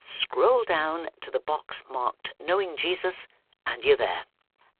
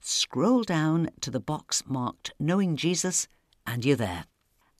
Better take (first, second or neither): second